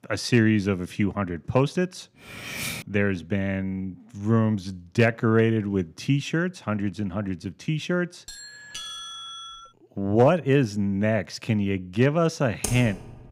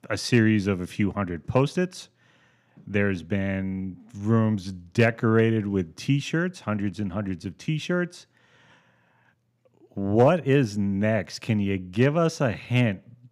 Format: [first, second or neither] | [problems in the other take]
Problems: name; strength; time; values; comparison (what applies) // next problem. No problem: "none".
second | clattering dishes; noticeable; at 2 s; peak 6 dB below the speech // doorbell; noticeable; from 8.5 to 9.5 s; peak 9 dB below the speech // keyboard typing; noticeable; at 13 s; peak 6 dB below the speech